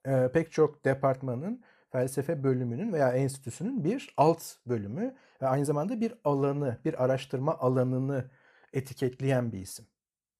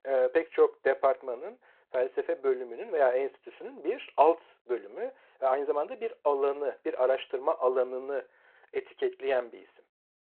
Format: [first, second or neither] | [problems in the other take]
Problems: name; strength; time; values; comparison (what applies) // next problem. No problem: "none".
first | phone-call audio